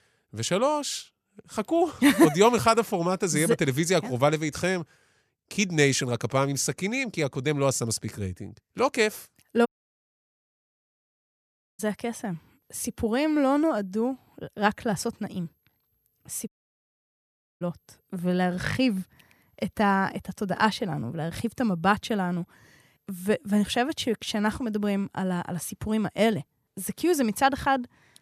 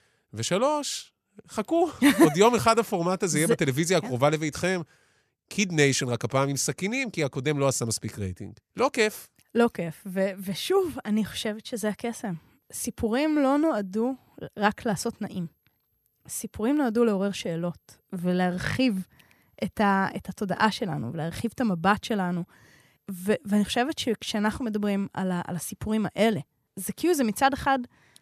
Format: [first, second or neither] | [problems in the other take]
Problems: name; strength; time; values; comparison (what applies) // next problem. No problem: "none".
second | audio cutting out; at 9.5 s for 2 s and at 16 s for 1 s